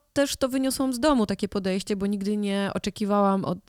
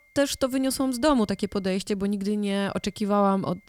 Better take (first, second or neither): first